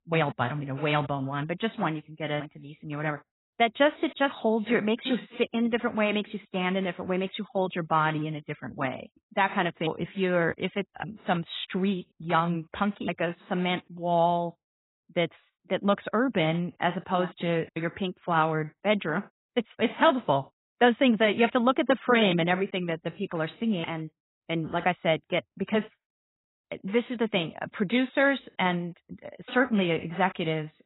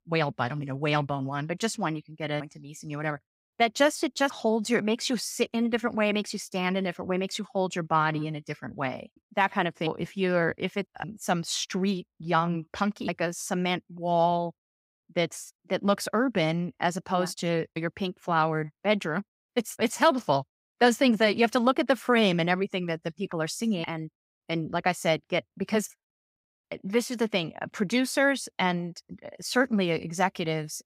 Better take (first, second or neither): second